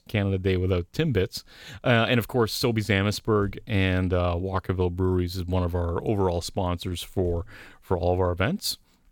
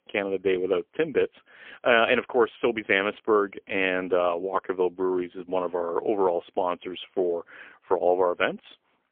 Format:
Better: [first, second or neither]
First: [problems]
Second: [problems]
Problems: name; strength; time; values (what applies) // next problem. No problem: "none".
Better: first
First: none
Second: phone-call audio; poor line; nothing above 3.5 kHz